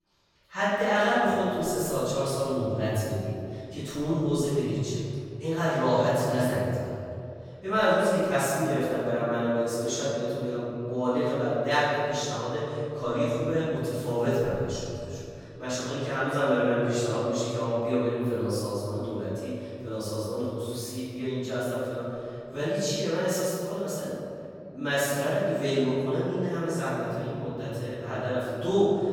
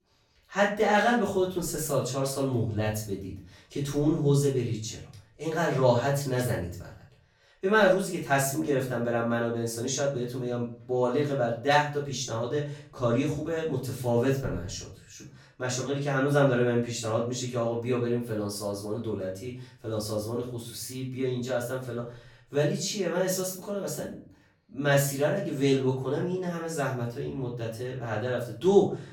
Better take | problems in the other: second | room echo; strong; dies away in 2.5 s; slight in the second // off-mic speech; far; far in the second

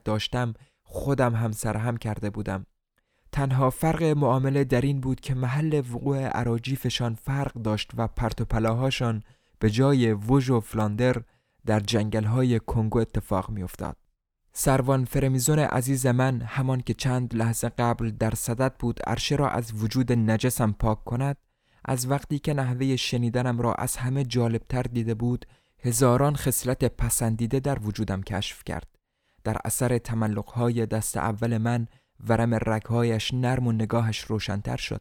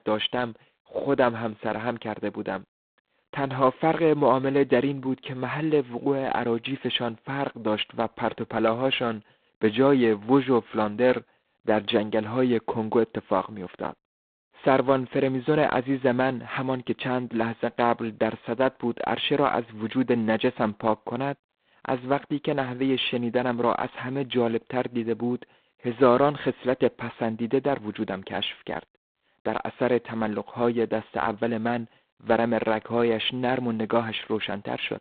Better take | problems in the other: first | phone-call audio; poor line

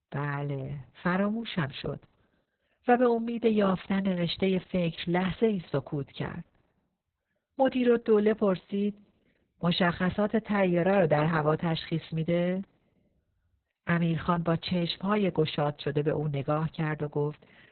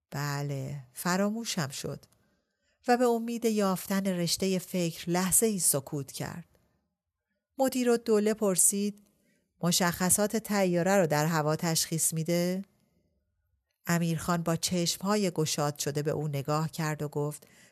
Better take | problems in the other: second | garbled, watery; badly; nothing above 4 kHz

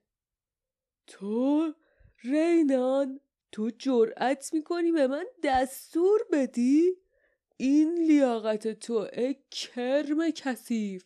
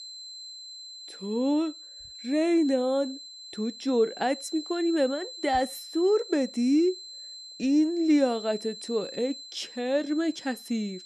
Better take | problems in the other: first | high-pitched whine; noticeable; throughout; 4 kHz, 15 dB below the speech

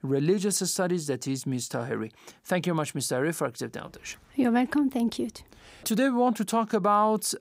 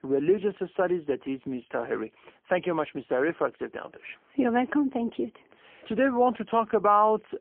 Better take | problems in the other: first | phone-call audio; poor line; nothing above 3 kHz

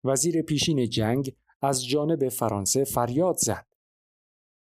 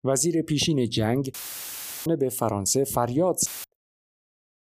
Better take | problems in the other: first | audio cutting out; filled with static; at 1.5 s for 0.5 s and at 3.5 s

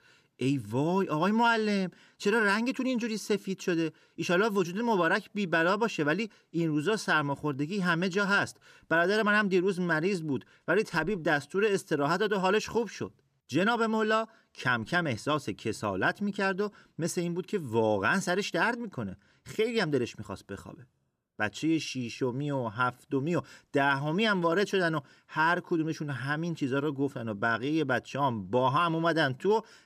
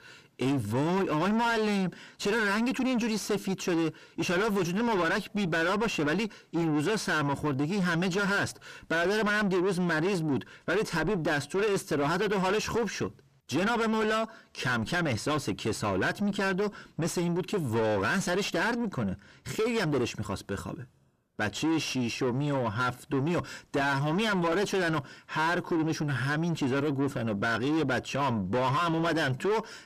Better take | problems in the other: first | distortion; heavy; 6 dB below the speech

